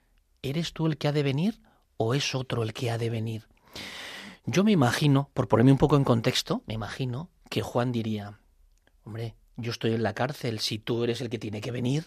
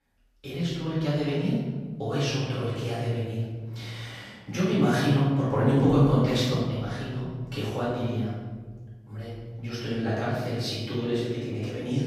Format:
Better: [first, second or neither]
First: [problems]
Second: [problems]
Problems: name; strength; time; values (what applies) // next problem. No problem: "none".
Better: first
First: none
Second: off-mic speech; far // room echo; strong; dies away in 1.5 s